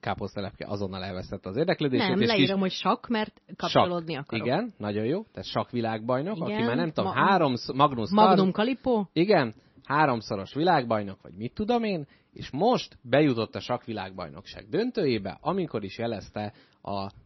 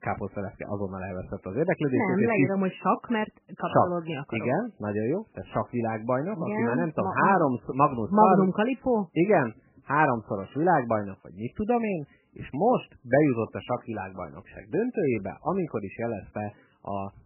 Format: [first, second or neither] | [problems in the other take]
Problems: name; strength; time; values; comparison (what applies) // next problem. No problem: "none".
first | garbled, watery; badly; nothing above 3 kHz; slightly in the first